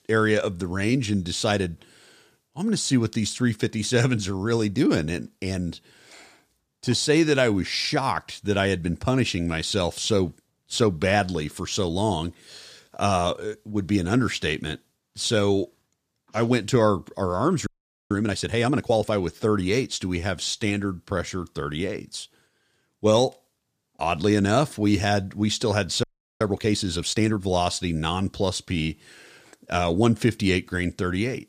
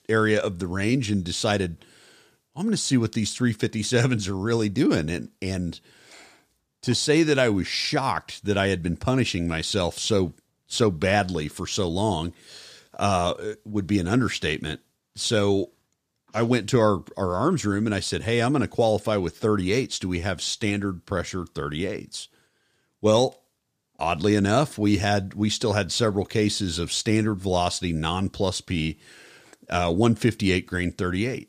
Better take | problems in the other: second | audio freezing; at 18 s and at 26 s

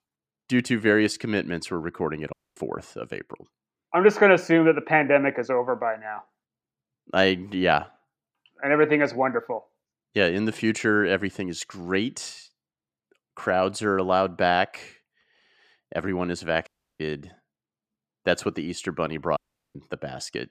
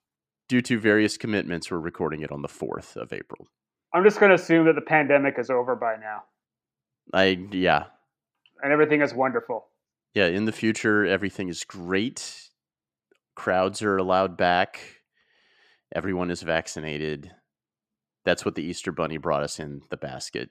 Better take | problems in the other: second | audio cutting out; at 2.5 s, at 17 s and at 19 s

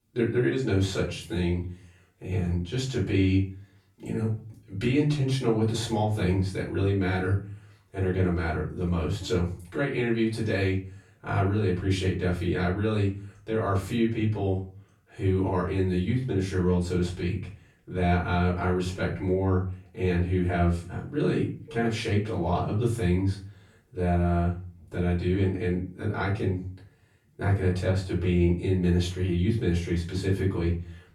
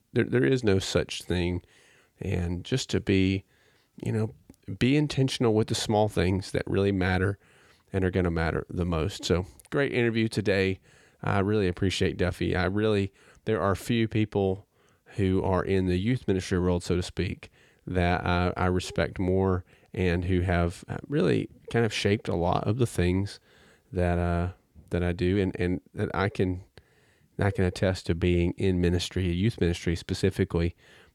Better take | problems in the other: second | off-mic speech; far // room echo; slight; dies away in 0.4 s

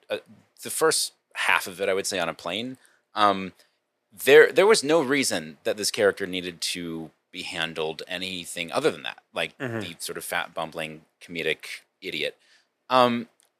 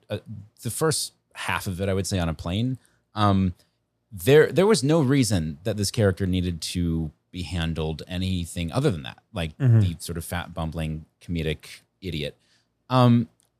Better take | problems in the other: second | thin; very; fading below 450 Hz

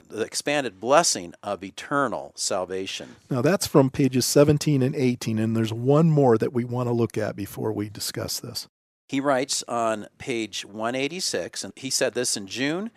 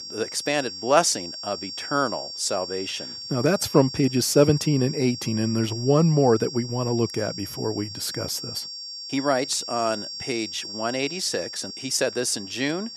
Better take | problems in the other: first | high-pitched whine; loud; throughout; 5.5 kHz, 9 dB below the speech

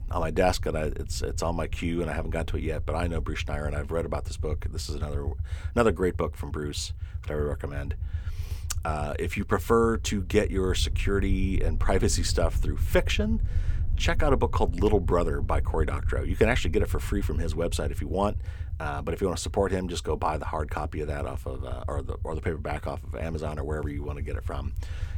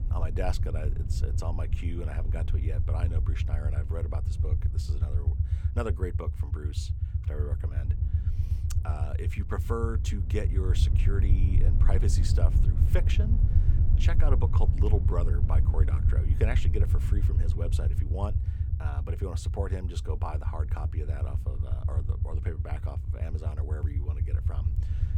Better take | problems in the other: first | low rumble; loud; throughout; 4 dB below the speech; faint in the first

